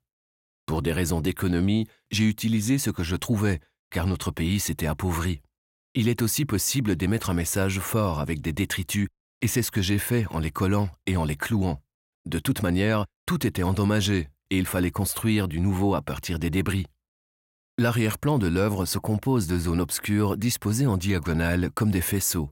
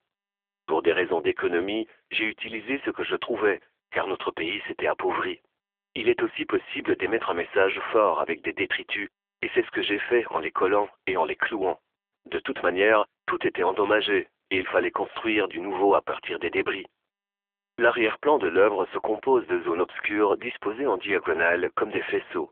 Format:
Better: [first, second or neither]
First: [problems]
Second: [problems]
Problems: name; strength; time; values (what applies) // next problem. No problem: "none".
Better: first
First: none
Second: phone-call audio; poor line; nothing above 3.5 kHz